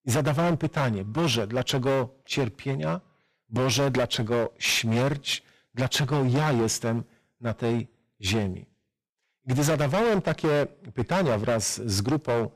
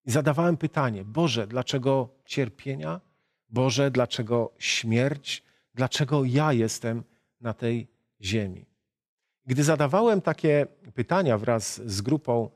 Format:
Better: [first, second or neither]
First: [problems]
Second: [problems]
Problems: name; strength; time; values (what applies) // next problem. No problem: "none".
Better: second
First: distortion; heavy; 17% of the sound clipped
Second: none